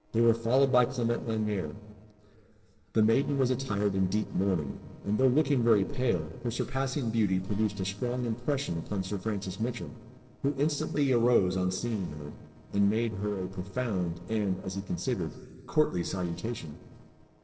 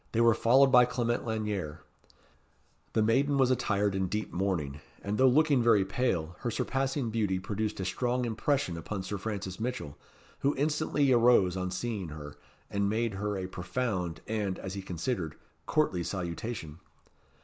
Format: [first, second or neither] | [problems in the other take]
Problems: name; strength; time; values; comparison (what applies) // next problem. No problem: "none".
second | noise reduction (neural separator model SepFormer DNS4)